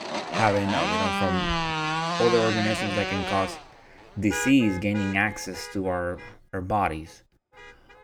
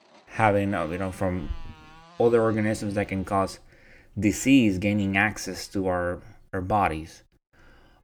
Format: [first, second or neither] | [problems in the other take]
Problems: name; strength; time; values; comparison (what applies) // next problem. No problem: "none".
second | traffic noise; loud; throughout; 2 dB below the speech; faint in the second